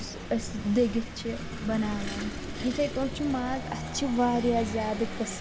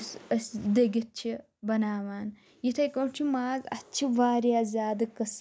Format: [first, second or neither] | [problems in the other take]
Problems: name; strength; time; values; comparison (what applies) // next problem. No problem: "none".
second | background sound (Engine / Vehicle); 6 dB below the speech